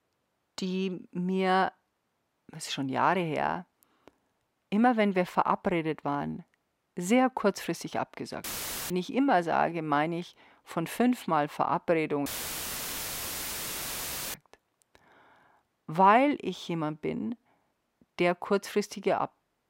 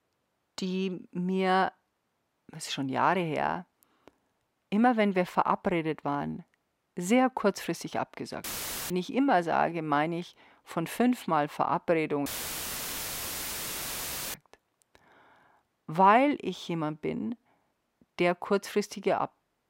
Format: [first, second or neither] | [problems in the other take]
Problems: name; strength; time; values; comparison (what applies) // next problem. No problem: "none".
neither | audio cutting out; filled with static; at 8.5 s and at 12 s for 2 s; the same in both